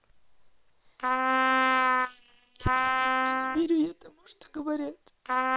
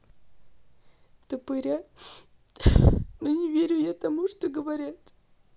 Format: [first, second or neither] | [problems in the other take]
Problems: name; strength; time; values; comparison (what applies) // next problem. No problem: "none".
second | noise reduction (neural separator model SepFormer WHAM!)